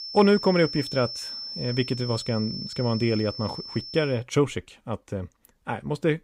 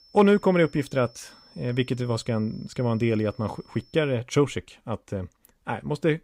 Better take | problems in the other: second | high-pitched whine; loud; until 4 s; 5.5 kHz, 8 dB below the speech; faint in the second

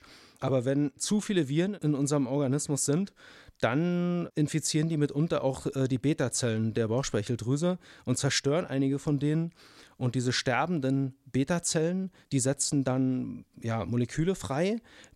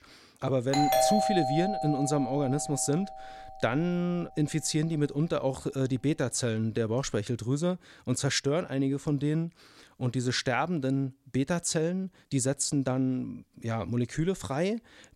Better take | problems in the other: first | doorbell; loud; from 0.5 to 3 s; peak 5 dB above the speech

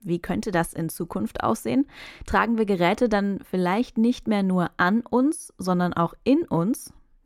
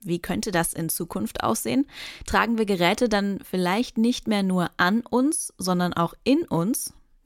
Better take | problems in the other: second | muffled; slightly; fading above 2.5 kHz

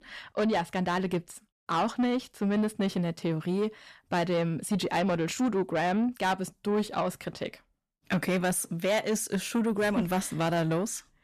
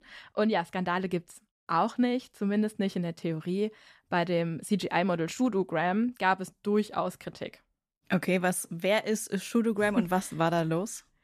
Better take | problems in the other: second | distortion; slight; 10 dB below the speech

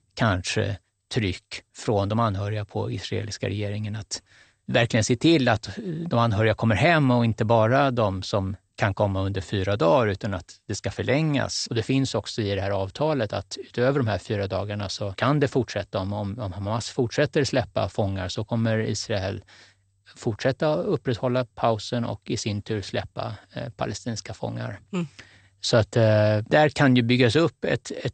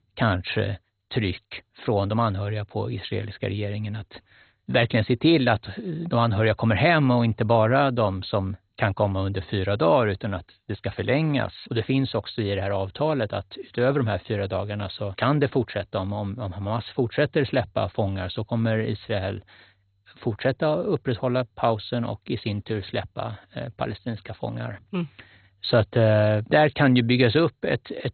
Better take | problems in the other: first | garbled, watery; badly; nothing above 4 kHz; slightly in the first

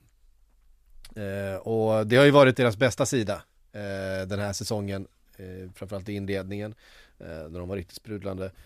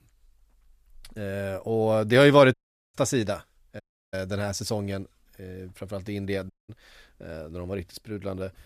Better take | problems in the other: first | audio cutting out; at 2.5 s, at 4 s and at 6.5 s

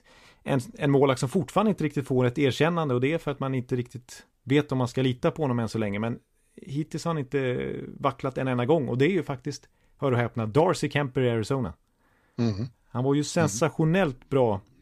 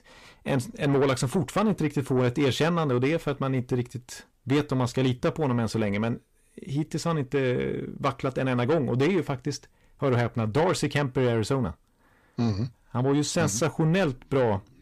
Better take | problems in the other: first | distortion; slight; 10 dB below the speech

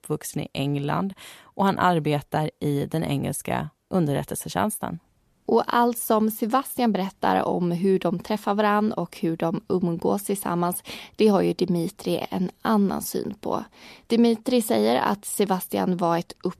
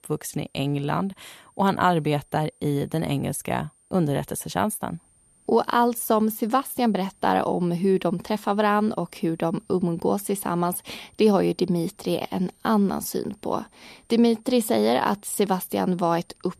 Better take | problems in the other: first | high-pitched whine; faint; throughout; 9 kHz, 35 dB below the speech

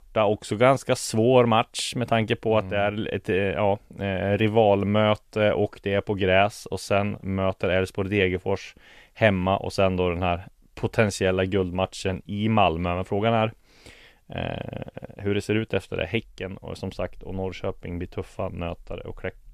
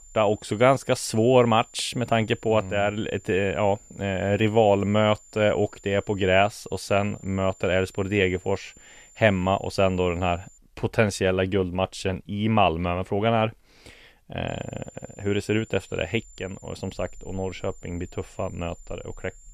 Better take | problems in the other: first | high-pitched whine; faint; until 11 s and from 14 s on; 7 kHz, 25 dB below the speech

